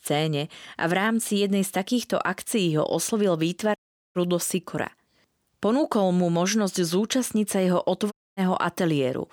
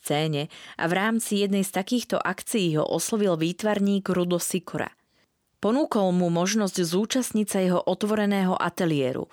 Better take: second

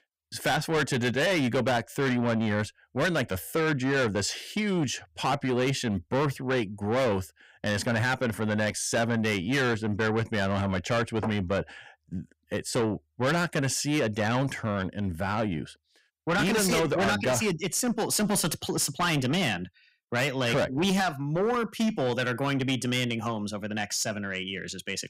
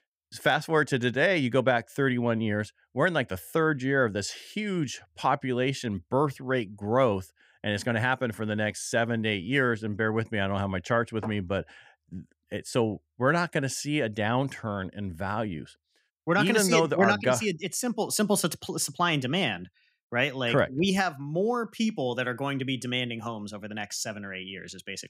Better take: second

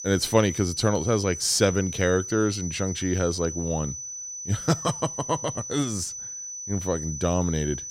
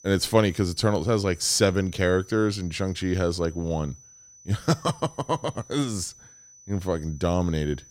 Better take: second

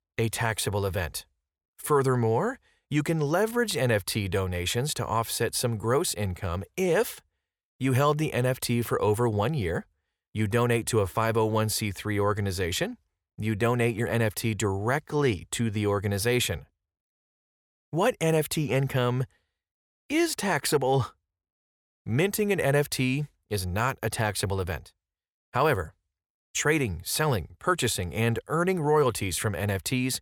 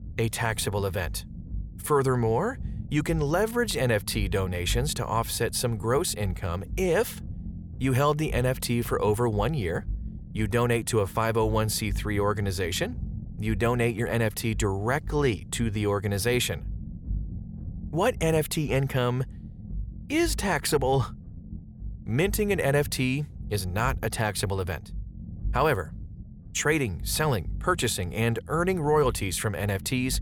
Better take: first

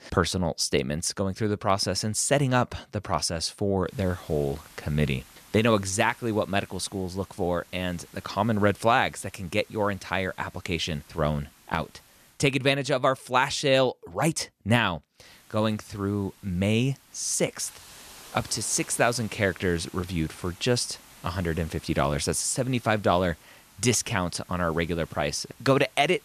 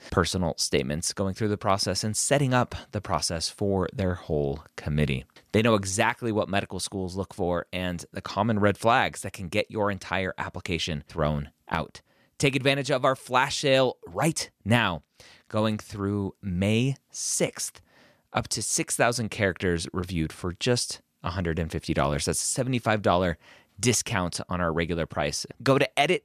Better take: second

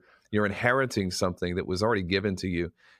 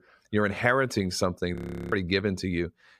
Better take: first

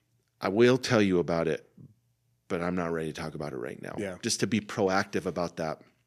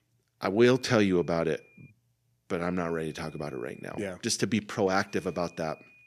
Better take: first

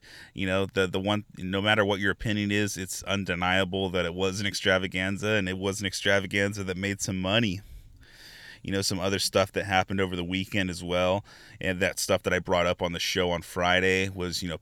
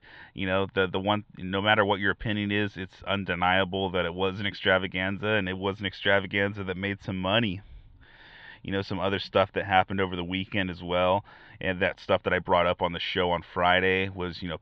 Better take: first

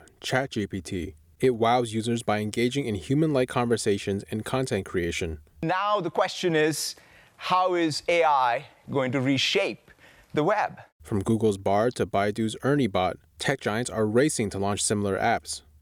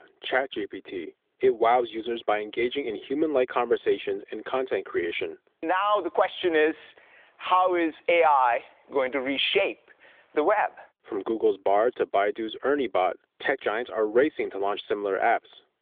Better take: first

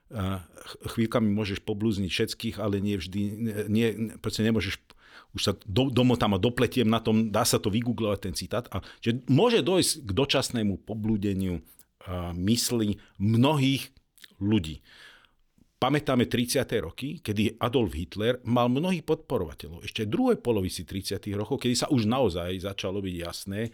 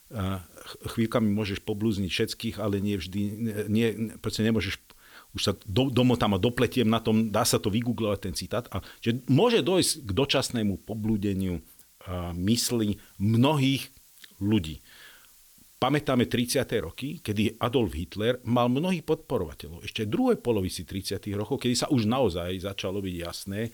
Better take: first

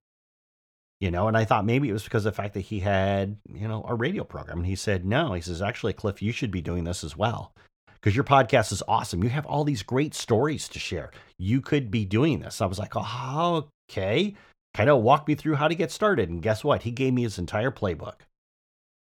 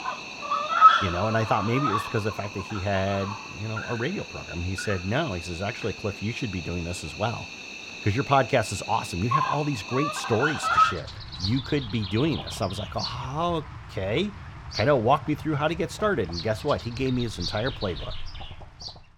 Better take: first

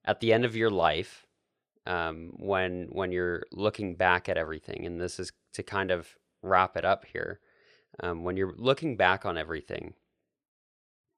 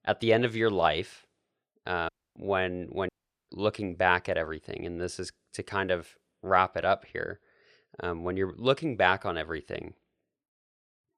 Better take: first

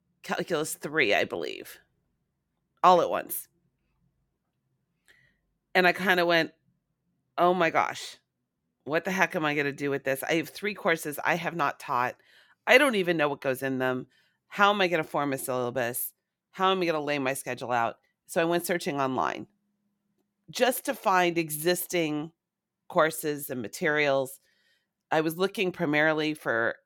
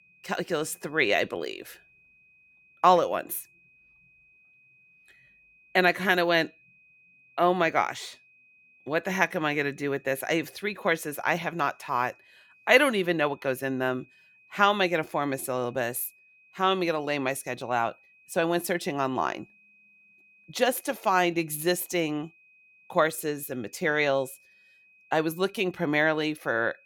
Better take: first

